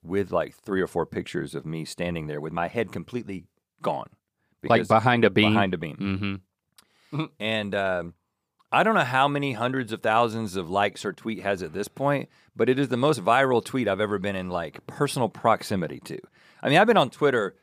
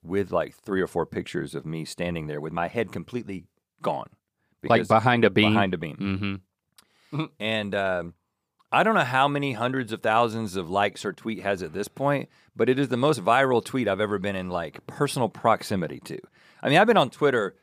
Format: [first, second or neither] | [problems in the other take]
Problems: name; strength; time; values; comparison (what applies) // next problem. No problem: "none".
neither | none